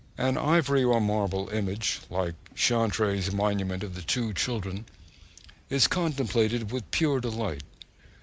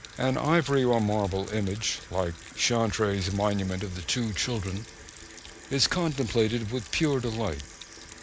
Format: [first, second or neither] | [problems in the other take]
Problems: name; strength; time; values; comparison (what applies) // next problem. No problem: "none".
first | background sound (Sink (filling or washing) / Water tap, faucet); 18 dB below the speech